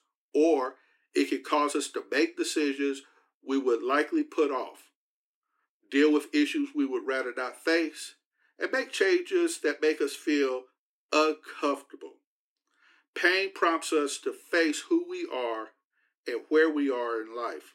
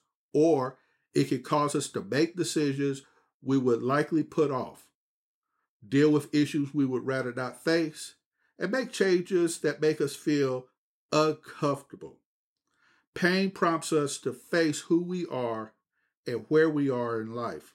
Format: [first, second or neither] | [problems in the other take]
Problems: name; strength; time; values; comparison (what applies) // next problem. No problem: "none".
second | thin; very slightly; fading below 300 Hz